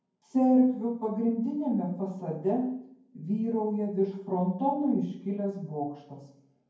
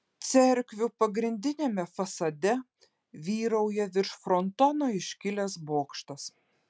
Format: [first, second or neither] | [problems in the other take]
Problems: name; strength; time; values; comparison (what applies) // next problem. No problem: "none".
second | room echo; dies away in 0.9 s